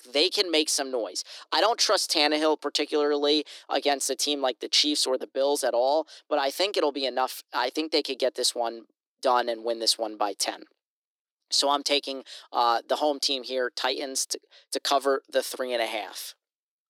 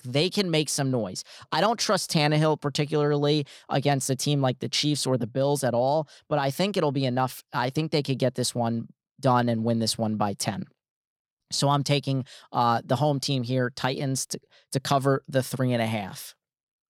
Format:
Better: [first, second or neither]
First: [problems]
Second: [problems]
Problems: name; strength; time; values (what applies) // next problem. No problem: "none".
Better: second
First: thin; somewhat; fading below 300 Hz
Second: none